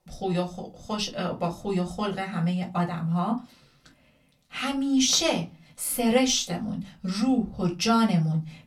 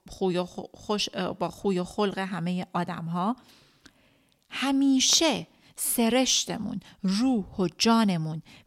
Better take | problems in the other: second | off-mic speech; far // room echo; very slight; dies away in 0.2 s

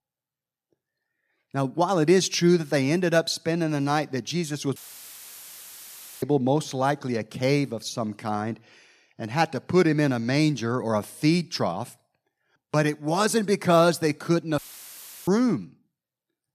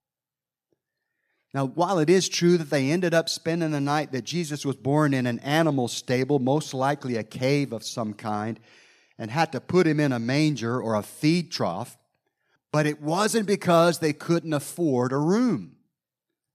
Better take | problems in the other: second | audio cutting out; filled with static; at 5 s for 1.5 s and at 15 s for 0.5 s

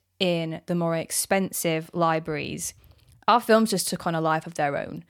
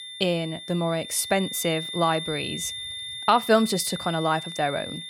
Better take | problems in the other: first | high-pitched whine; loud; throughout; 3.5 kHz, 8 dB below the speech

